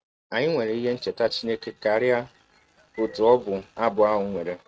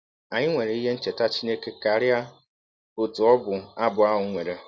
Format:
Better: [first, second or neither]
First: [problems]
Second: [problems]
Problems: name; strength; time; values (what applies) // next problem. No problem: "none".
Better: second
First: noise reduction (neural mask model RNNoise)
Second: none